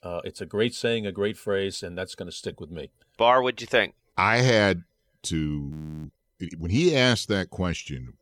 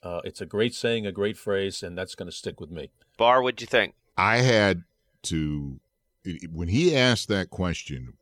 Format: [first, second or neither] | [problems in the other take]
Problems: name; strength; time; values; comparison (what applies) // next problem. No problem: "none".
second | audio freezing; at 5.5 s